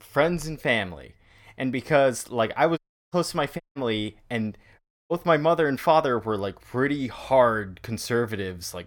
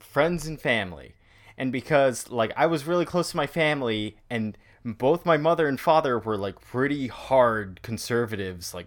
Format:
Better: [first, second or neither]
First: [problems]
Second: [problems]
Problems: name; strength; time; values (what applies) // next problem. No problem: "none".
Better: second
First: audio cutting out; at 3 s, at 3.5 s and at 5 s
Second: none